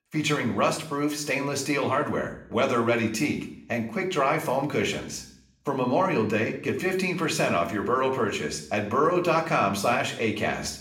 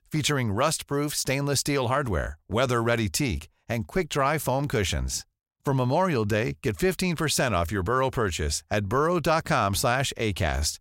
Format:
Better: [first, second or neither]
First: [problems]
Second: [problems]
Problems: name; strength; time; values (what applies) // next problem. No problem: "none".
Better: second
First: room echo; slight; dies away in 0.6 s // off-mic speech; somewhat distant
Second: none